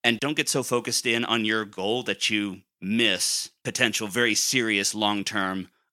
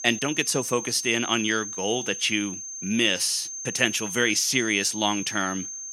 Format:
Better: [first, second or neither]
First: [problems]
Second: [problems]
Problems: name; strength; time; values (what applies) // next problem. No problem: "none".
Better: first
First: none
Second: high-pitched whine; loud; throughout; 6.5 kHz, 8 dB below the speech